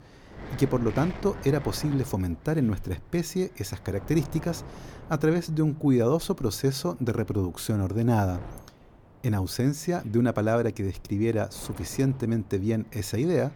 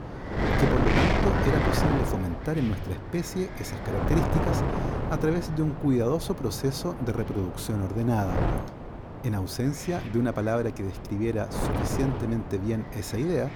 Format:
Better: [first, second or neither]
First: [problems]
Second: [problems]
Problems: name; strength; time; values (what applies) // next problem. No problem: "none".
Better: first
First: wind noise on the microphone; occasional gusts; 15 dB below the speech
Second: wind noise on the microphone; heavy; as loud as the speech